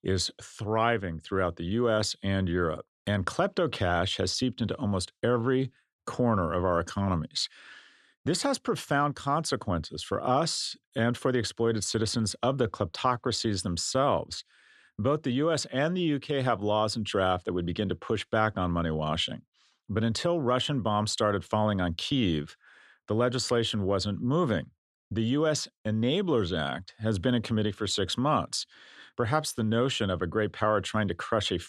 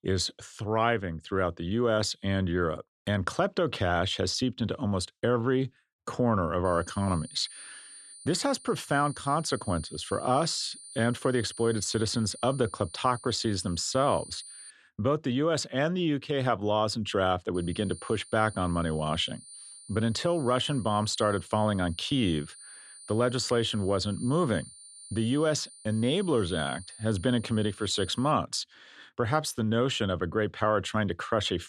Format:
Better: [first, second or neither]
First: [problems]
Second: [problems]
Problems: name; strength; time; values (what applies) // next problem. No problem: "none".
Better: first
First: none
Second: high-pitched whine; noticeable; from 6.5 to 15 s and from 18 to 28 s; 9.5 kHz, 15 dB below the speech